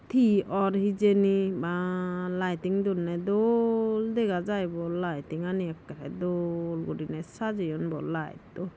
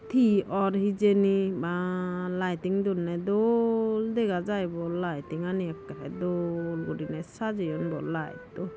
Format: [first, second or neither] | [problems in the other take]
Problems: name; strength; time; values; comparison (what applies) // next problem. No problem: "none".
first | background sound (Wind instrument, woodwind instrument); 20 dB below the speech